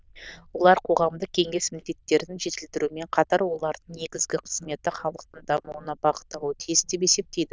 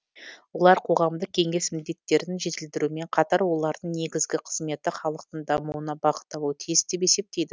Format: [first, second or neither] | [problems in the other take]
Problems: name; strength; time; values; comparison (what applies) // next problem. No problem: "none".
second | noise reduction (neural diffusion model UNIVERSE++)